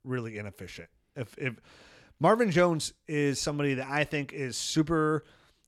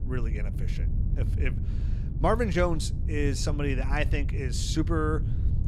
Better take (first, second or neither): first